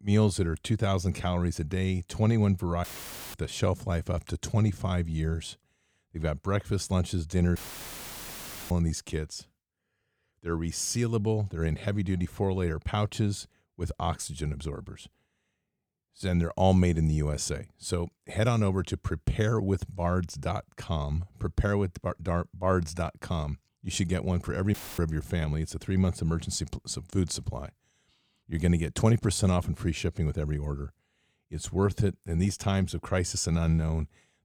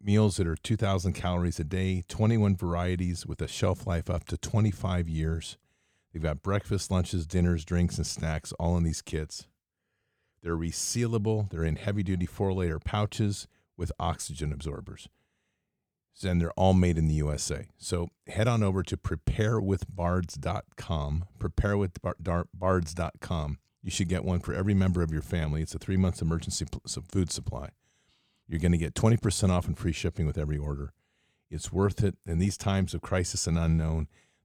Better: second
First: audio cutting out; filled with static; at 3 s for 0.5 s, at 7.5 s for 1 s and at 25 s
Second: none

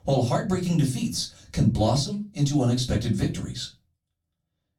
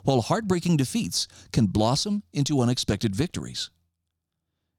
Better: second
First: off-mic speech; far // room echo; very slight; dies away in 0.2 s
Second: none

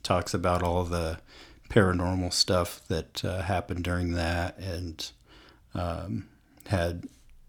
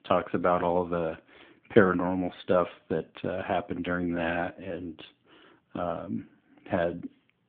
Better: first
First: none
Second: phone-call audio; nothing above 3.5 kHz

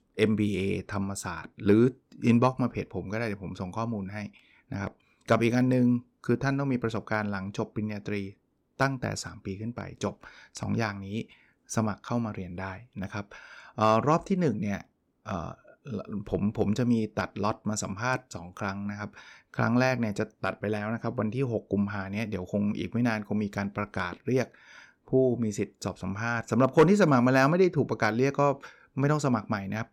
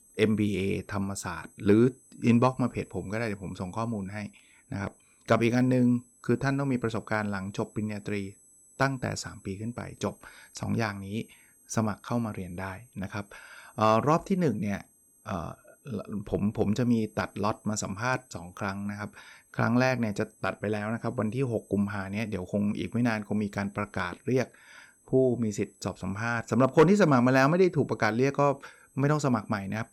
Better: first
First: none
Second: high-pitched whine; faint; throughout; 8 kHz, 30 dB below the speech

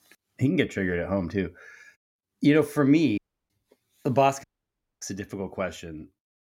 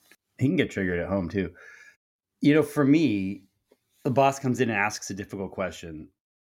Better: second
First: audio cutting out; at 3 s and at 4.5 s for 0.5 s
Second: none

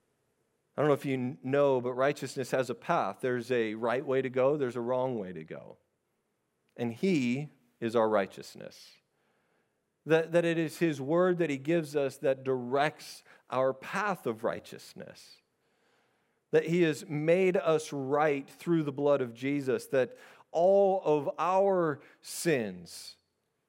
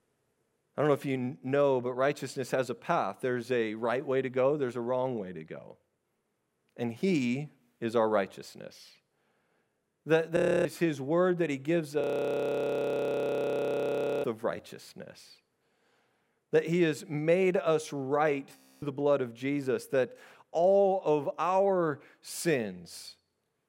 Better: first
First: none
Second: audio freezing; at 10 s, at 12 s for 2 s and at 19 s

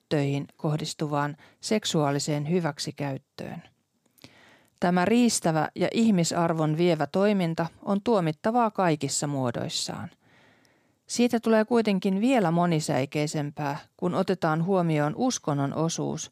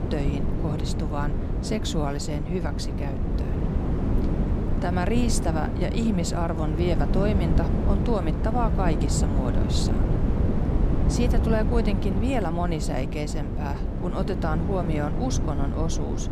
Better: first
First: none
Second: wind noise on the microphone; heavy; 4 dB below the speech

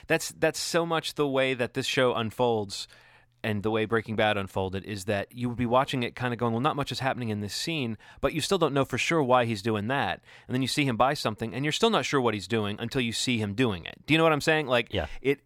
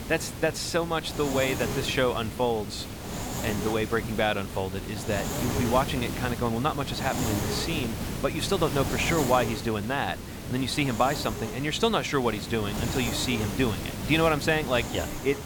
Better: first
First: none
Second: hiss; loud; throughout; 6 dB below the speech

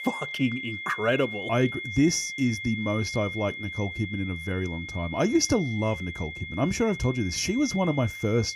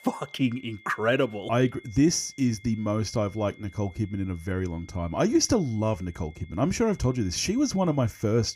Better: second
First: high-pitched whine; loud; throughout; 2 kHz, 7 dB below the speech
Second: high-pitched whine; faint; throughout; 2 kHz, 25 dB below the speech

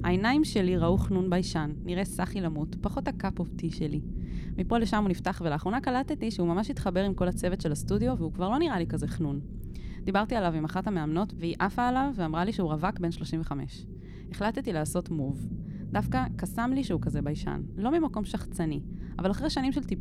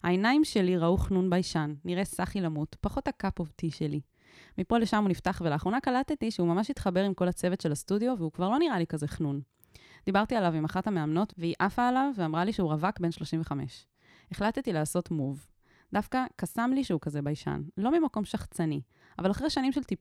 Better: second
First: low rumble; noticeable; throughout; 15 dB below the speech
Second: none

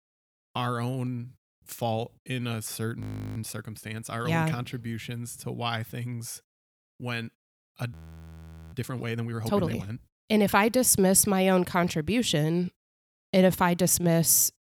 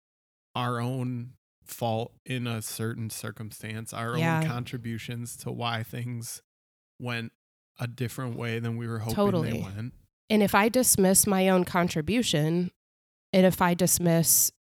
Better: second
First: audio freezing; at 3 s and at 8 s for 1 s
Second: none

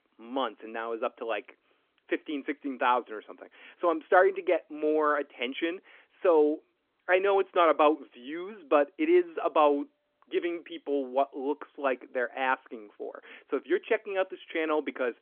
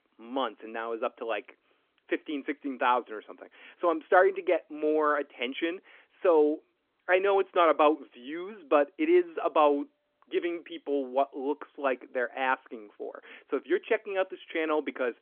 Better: neither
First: phone-call audio; nothing above 3.5 kHz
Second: phone-call audio; nothing above 3.5 kHz

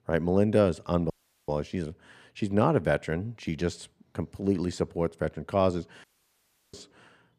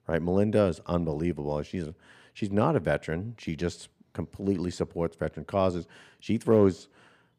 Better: second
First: audio cutting out; at 1 s and at 6 s for 0.5 s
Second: none

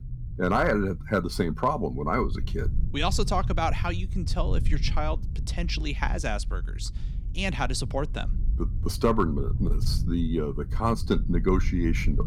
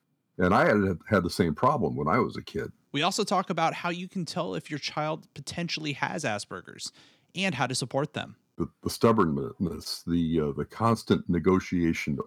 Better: second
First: low rumble; noticeable; throughout; 20 dB below the speech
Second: none

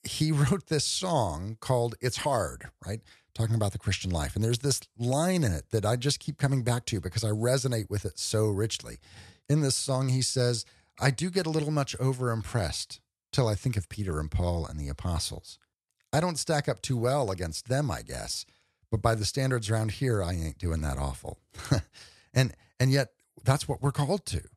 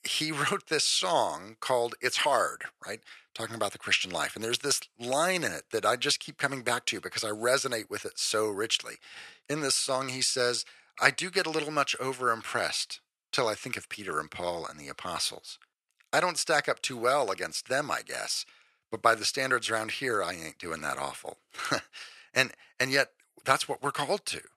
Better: first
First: none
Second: thin; very; fading below 400 Hz

